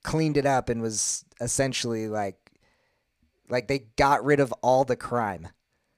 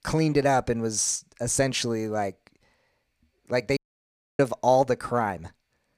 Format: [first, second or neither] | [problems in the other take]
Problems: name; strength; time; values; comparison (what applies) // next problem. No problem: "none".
first | audio cutting out; at 4 s for 0.5 s